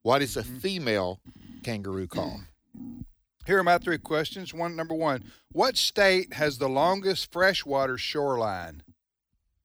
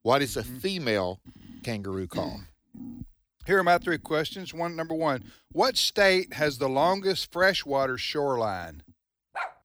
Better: first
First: none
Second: dog barking; noticeable; at 9.5 s; peak 9 dB below the speech

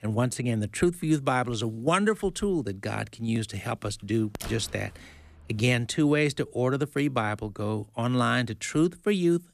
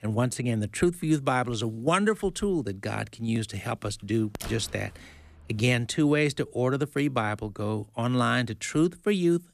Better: neither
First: door banging; faint; from 4.5 to 5.5 s; peak 15 dB below the speech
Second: door banging; faint; from 4.5 to 5.5 s; peak 15 dB below the speech

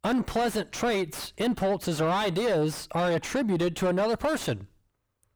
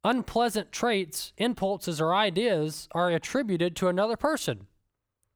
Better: second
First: distortion; heavy; 7 dB below the speech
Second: none

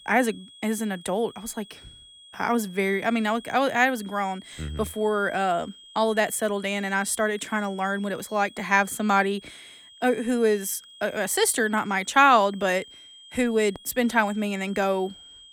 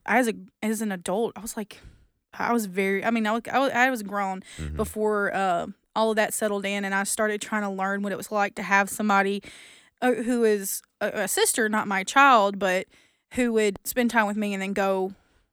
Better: second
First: high-pitched whine; faint; throughout; 3.5 kHz, 20 dB below the speech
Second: none

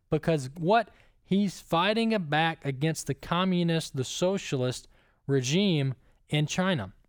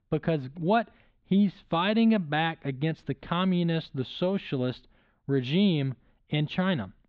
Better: first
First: none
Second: muffled; slightly; fading above 3.5 kHz

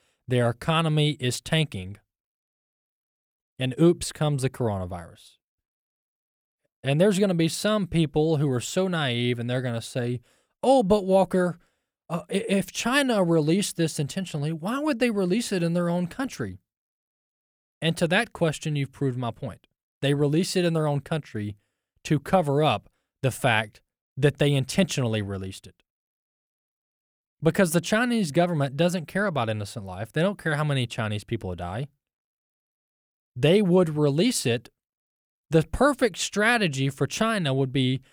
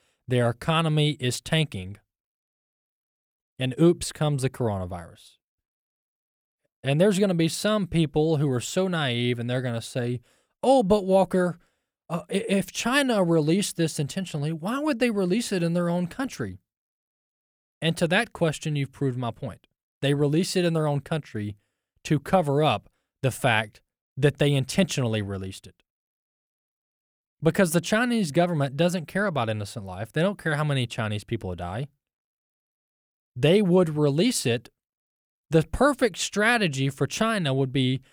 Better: neither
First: none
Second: none

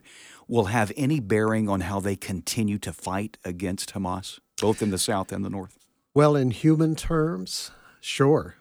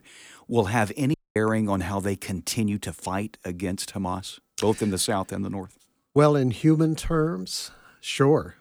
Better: first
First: none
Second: audio cutting out; at 1 s

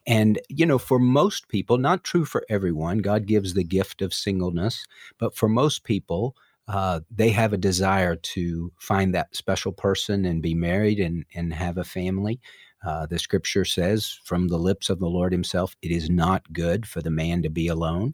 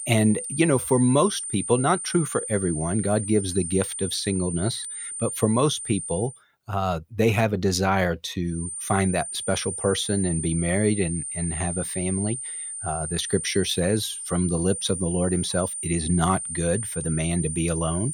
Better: first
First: none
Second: high-pitched whine; loud; until 6.5 s and from 8.5 s on; 9 kHz, 5 dB below the speech

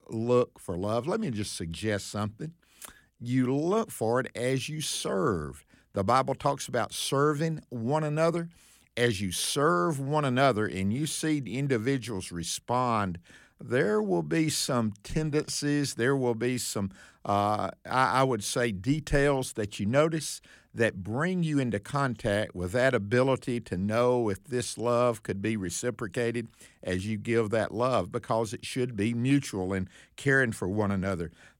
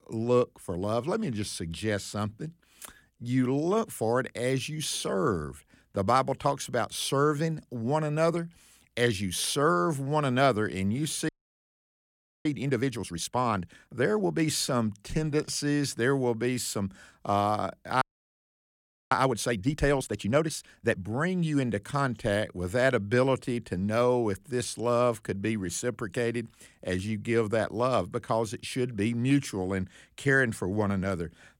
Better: first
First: none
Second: audio freezing; at 11 s for 1 s and at 18 s for 1 s

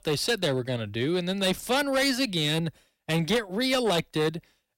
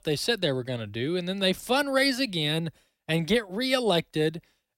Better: second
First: distortion; slight; 9% of the sound clipped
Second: none

